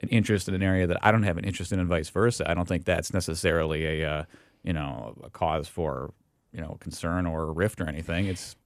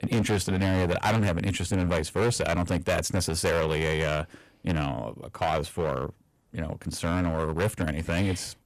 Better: first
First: none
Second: distortion; heavy; 13% of the sound clipped

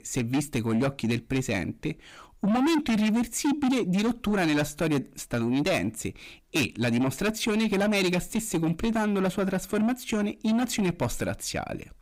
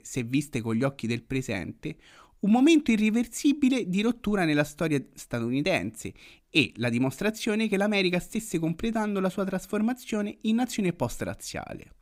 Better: second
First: distortion; heavy; 7 dB below the speech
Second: none

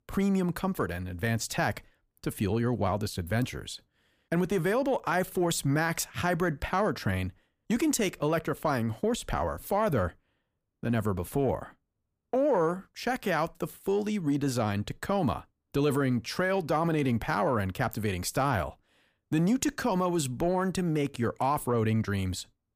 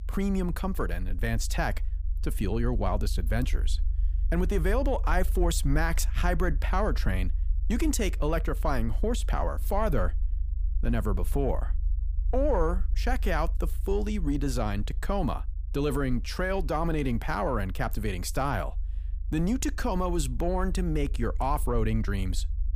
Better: first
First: none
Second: low rumble; faint; throughout; 25 dB below the speech

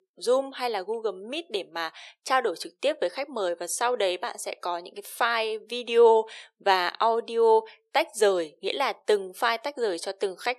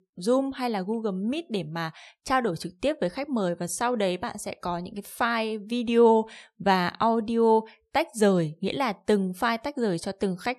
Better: second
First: thin; very; fading below 400 Hz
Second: none

